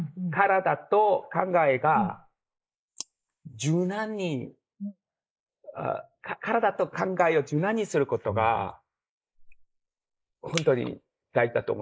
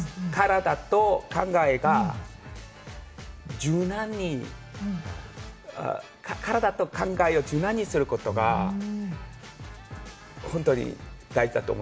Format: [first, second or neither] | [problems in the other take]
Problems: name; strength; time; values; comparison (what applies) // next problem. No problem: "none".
second | noise reduction (neural mask model Resemble Enhance denoiser)